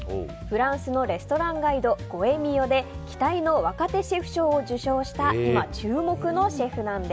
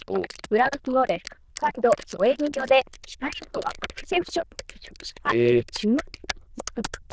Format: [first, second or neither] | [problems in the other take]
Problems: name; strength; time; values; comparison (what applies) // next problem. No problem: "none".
first | noise reduction (neural diffusion model UNIVERSE++)